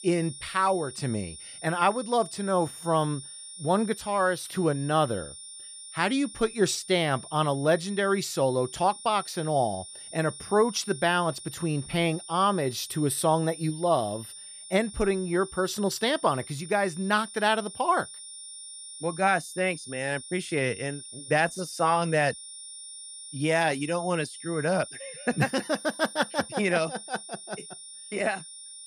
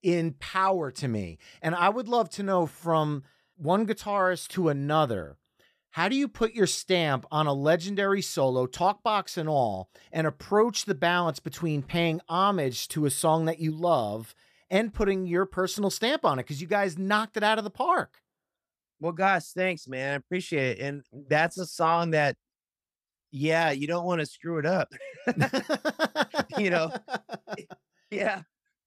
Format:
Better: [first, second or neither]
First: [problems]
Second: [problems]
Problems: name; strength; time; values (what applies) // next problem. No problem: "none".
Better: second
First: high-pitched whine; noticeable; throughout; 9.5 kHz, 15 dB below the speech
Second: none